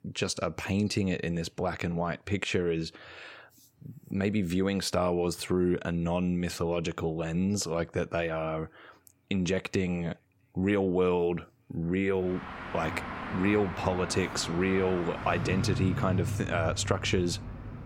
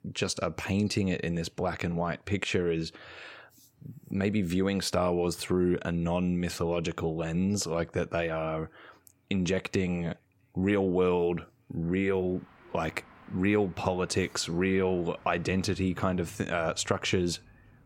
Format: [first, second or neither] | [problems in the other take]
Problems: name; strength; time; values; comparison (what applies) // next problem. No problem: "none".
second | traffic noise; loud; from 12 s on; 6 dB below the speech; faint in the second